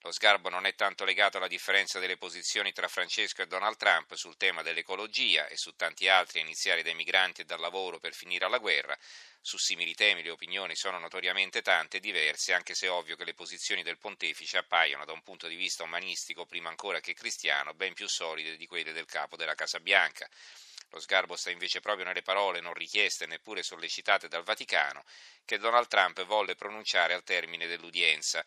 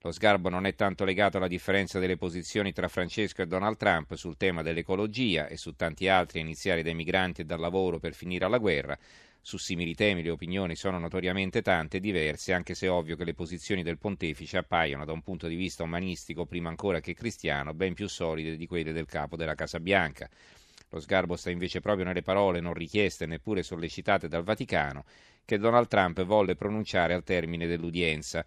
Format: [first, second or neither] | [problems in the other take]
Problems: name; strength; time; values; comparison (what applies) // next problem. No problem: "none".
second | thin; very; fading below 900 Hz